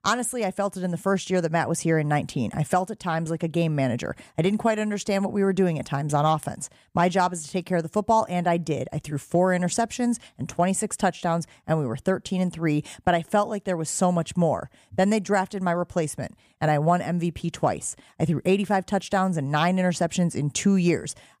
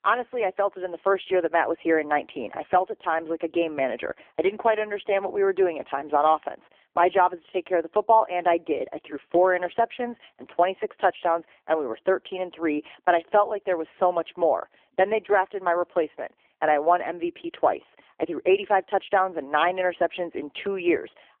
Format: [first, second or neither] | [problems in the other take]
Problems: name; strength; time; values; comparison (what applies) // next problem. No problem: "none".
first | phone-call audio; poor line; nothing above 3.5 kHz